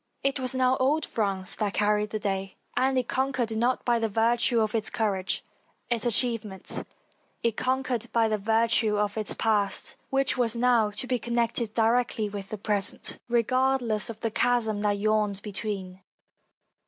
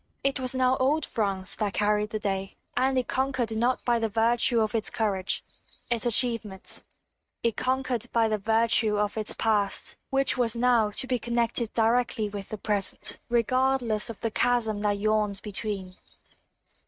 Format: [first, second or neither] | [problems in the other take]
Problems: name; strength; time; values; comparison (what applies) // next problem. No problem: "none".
first | noise reduction (neural mask model RNNoise)